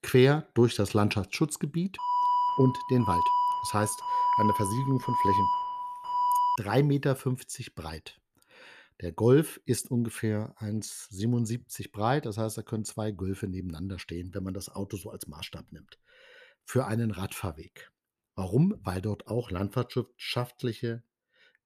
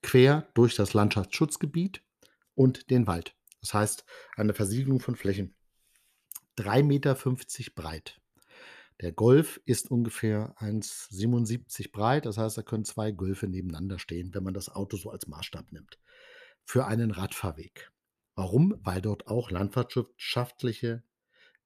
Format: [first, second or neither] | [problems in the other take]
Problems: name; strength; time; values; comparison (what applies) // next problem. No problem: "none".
second | alarm; loud; from 2 to 6.5 s; peak 5 dB above the speech